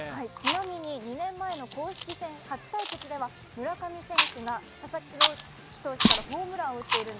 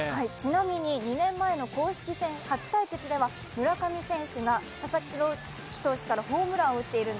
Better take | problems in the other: second | background sound (Chewing, mastication); 3 dB above the speech

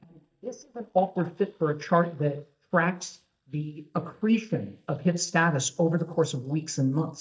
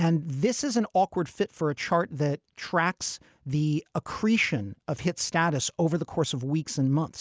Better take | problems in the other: second | noise reduction (neural mask model DeepFilterNet 3)

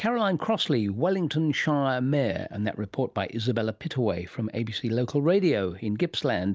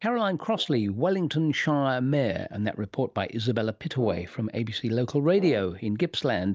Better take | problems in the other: first | noise reduction (neural mask model DeepFilterNet 3)

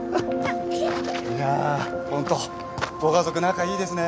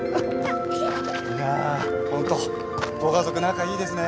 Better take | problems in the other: first | background sound (Piano); 5 dB below the speech

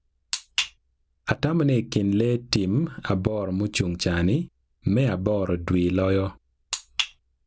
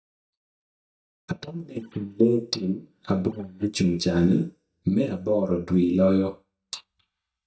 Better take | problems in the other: first | noise reduction (neural mask model DeepFilterNet 3)

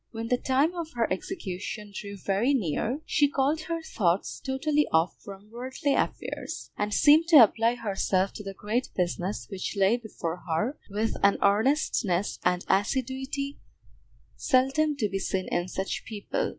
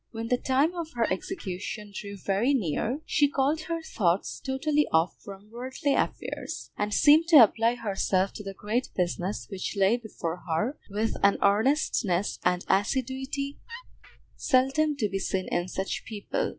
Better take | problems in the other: first | background sound (Wood); 17 dB below the speech

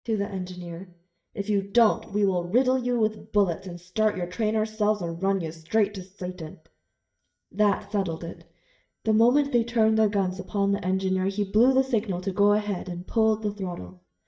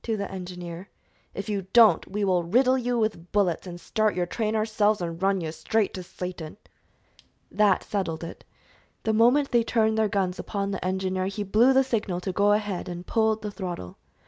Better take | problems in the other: second | noise reduction (neural mask model DeepFilterNet 3)

